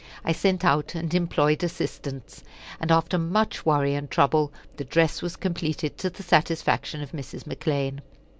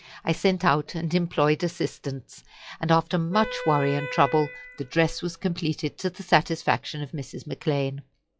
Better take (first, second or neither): first